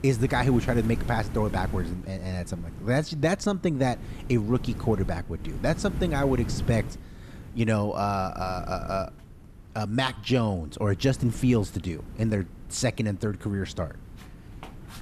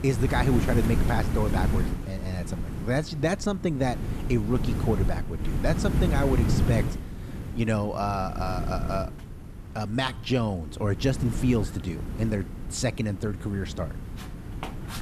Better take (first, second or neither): first